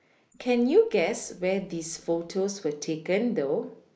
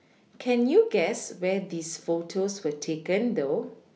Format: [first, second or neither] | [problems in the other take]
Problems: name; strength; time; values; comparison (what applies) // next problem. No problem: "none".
second | noise reduction (neural mask model Resemble Enhance denoiser)